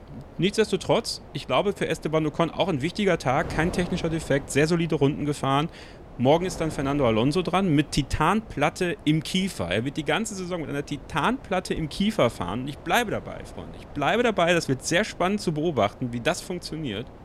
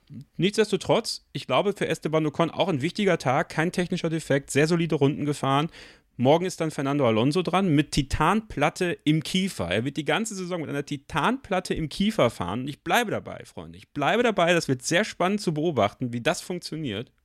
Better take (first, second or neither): second